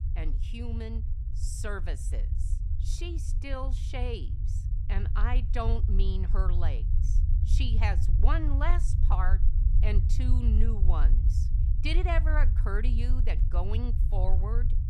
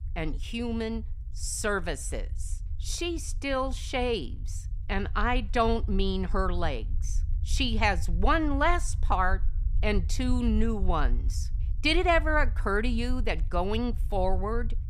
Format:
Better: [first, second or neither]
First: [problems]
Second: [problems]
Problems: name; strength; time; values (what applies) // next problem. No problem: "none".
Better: second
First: low rumble; loud; throughout; 9 dB below the speech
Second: low rumble; faint; throughout; 25 dB below the speech